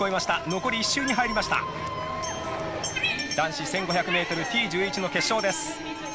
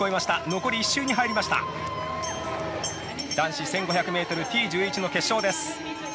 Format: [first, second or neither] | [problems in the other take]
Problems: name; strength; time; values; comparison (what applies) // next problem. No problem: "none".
second | background sound (Cat); 10 dB below the speech